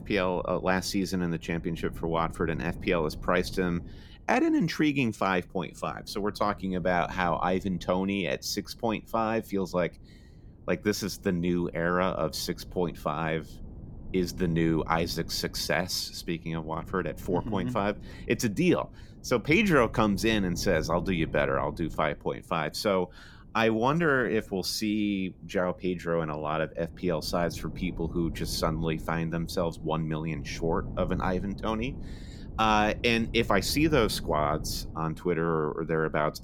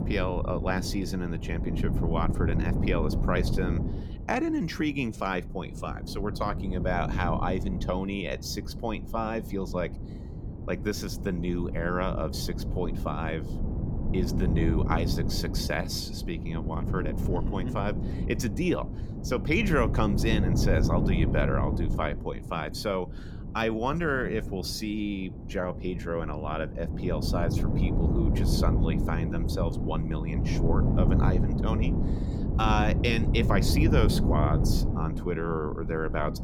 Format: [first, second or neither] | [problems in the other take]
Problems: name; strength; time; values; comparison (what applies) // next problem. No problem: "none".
first | wind noise on the microphone; heavy; 7 dB below the speech; occasional gusts in the first